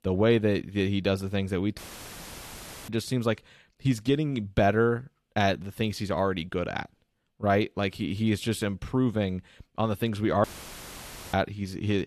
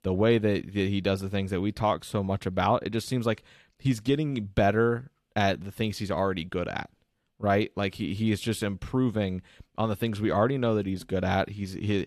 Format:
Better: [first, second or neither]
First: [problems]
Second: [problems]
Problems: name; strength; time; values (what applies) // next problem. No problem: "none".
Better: second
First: audio cutting out; filled with static; at 2 s for 1 s and at 10 s for 1 s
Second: none